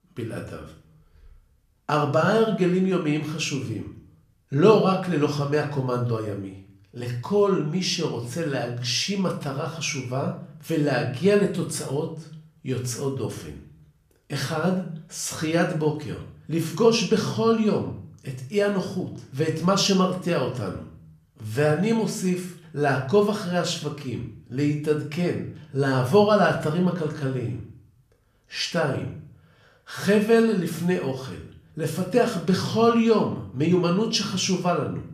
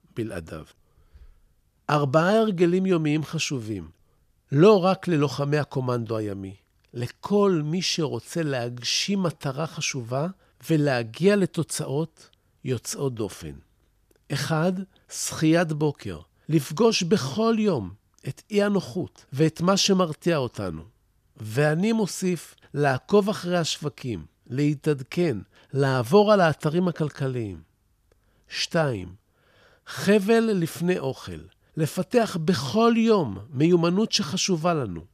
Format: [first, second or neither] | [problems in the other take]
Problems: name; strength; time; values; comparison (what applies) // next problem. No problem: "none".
second | room echo; slight; dies away in 0.4 s // off-mic speech; somewhat distant